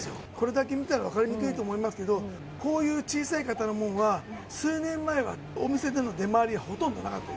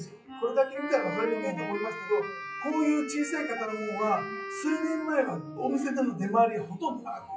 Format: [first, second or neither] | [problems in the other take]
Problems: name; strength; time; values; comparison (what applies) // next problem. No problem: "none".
first | noise reduction (classical method WPE with log-MMSE)